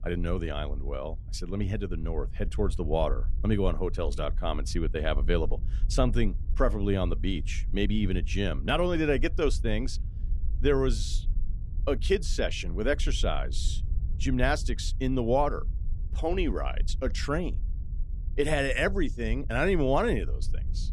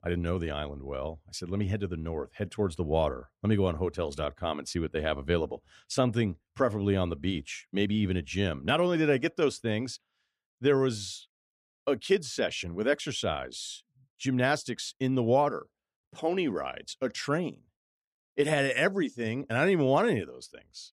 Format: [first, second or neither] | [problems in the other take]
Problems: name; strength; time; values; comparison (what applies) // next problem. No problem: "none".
second | wind noise on the microphone; occasional gusts; 25 dB below the speech